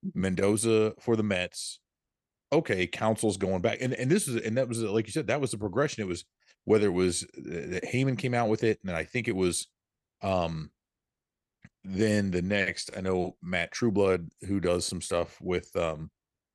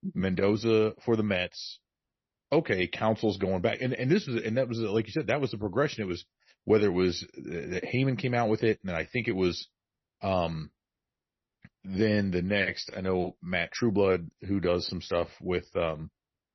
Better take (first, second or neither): first